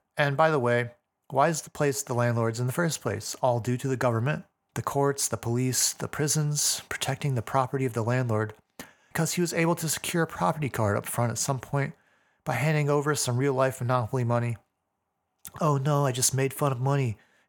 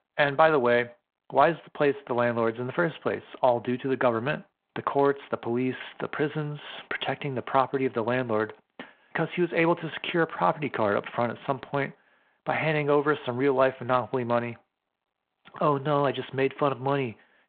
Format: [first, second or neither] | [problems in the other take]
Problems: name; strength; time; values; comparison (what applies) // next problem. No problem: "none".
first | phone-call audio; nothing above 3.5 kHz